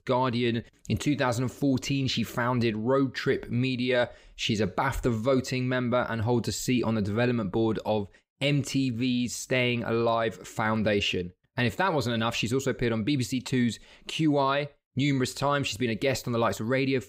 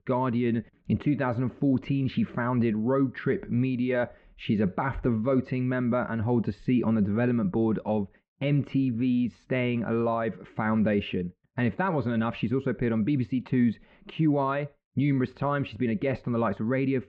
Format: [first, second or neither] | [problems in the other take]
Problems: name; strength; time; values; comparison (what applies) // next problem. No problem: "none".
first | muffled; very; fading above 2 kHz